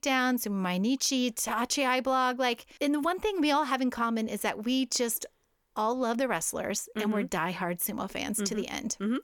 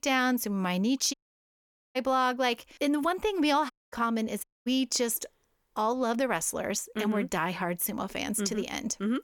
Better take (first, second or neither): first